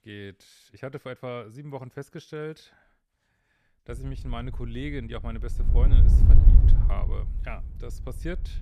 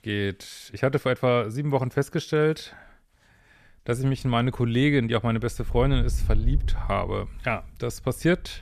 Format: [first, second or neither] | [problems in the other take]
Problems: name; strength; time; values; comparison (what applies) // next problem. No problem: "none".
second | wind noise on the microphone; heavy; from 4 s on; as loud as the speech; occasional gusts in the second